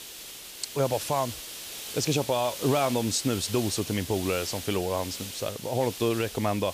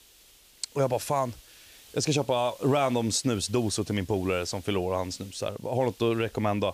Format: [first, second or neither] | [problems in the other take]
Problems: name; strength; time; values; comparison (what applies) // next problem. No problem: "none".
second | hiss; loud; throughout; 8 dB below the speech; faint in the second